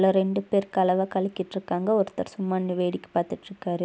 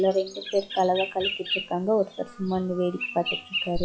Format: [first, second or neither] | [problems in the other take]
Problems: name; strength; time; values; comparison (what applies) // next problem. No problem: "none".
first | noise reduction (classical method log-MMSE)